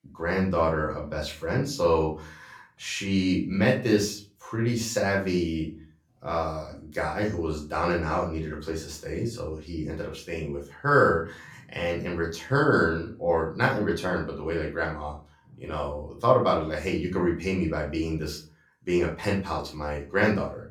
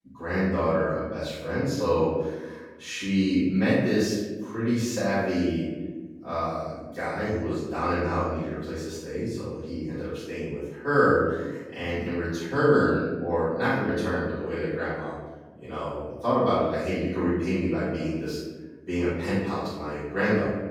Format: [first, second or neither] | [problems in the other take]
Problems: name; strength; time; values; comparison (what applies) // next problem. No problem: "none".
first | room echo; strong; dies away in 1.3 s; slight in the first // off-mic speech; far; far in the first